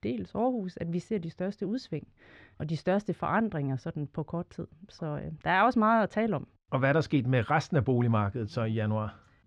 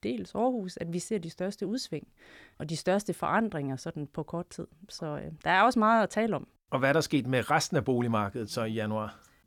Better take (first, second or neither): second